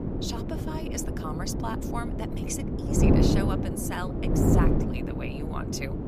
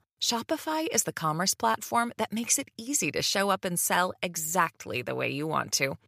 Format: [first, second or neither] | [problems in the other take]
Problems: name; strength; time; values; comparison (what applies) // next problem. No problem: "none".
second | wind noise on the microphone; heavy; 3 dB above the speech